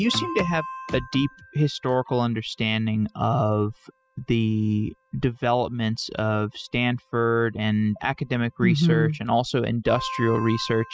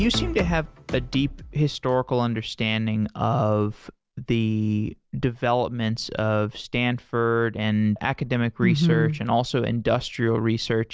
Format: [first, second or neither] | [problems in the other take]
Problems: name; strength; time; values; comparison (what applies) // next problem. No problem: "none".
second | noise reduction (classical method spectral subtraction)